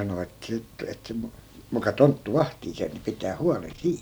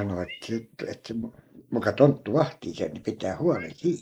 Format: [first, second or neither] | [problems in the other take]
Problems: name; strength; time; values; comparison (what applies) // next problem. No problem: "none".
first | noise reduction (neural mask model Resemble Enhance denoiser)